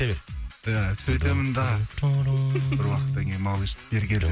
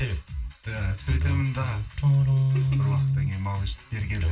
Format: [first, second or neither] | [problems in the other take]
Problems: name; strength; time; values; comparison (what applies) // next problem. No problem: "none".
first | room echo; dies away in 0.2 s